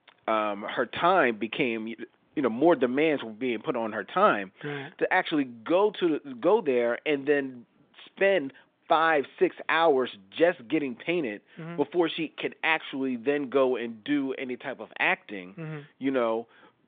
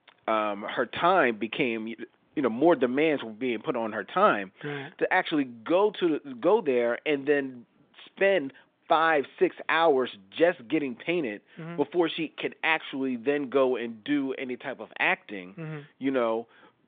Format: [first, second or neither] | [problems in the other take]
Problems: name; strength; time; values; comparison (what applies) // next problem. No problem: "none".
neither | phone-call audio; nothing above 3.5 kHz; the same in both